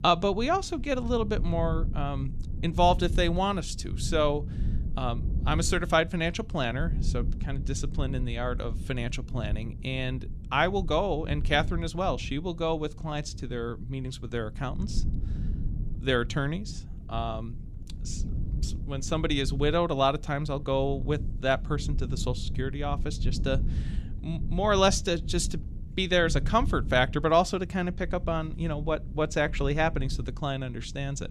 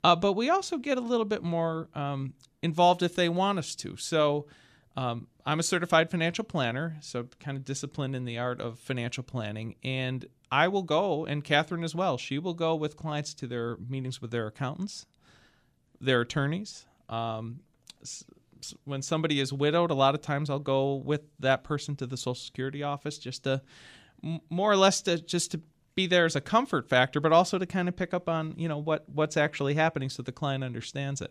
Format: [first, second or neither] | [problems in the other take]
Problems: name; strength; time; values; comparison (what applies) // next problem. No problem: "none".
second | low rumble; noticeable; throughout; 20 dB below the speech